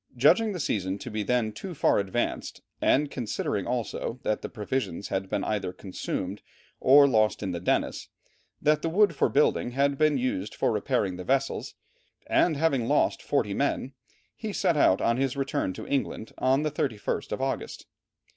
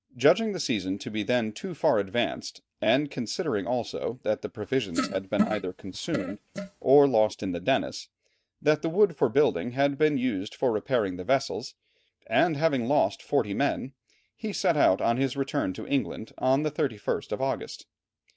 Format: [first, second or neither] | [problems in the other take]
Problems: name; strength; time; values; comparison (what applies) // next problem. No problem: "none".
first | noise reduction (neural mask model RNNoise)